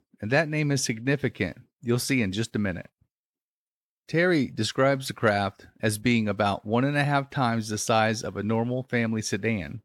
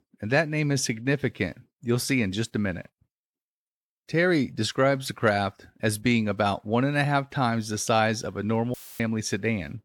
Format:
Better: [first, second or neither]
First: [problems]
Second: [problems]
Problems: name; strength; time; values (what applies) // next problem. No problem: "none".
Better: first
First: none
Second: audio cutting out; filled with static; at 8.5 s